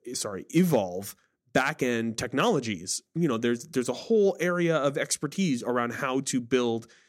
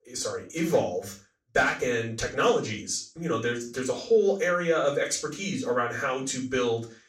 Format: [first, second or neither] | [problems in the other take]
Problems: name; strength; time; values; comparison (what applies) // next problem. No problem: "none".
first | room echo; slight; dies away in 0.3 s // off-mic speech; far